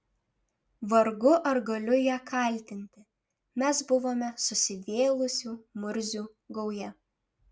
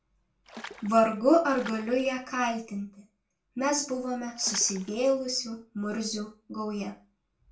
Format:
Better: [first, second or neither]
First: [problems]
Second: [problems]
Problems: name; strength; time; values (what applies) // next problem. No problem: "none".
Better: first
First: none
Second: background sound (Water / Splash, splatter); 17 dB below the speech // room echo; dies away in 0.3 s